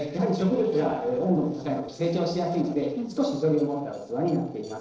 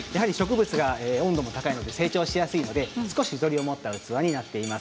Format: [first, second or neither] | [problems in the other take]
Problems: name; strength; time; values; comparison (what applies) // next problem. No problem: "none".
second | noise reduction (neural separator model SepFormer DNS4)